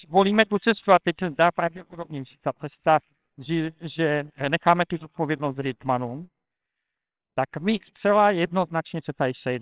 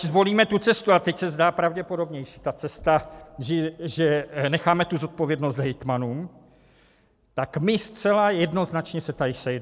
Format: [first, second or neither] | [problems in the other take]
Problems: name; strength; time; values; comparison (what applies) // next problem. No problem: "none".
second | noise reduction (neural separator model SepFormer WHAMR!)